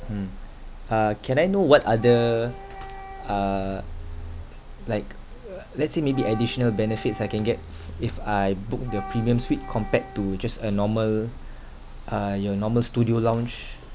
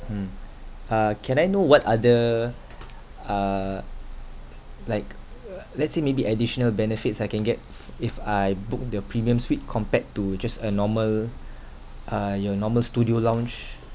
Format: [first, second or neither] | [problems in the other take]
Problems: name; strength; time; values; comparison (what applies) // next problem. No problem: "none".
second | background sound (Wind instrument, woodwind instrument + Bowed string instrument); 15 dB below the speech